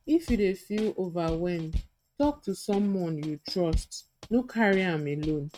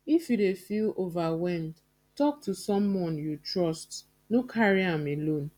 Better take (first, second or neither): second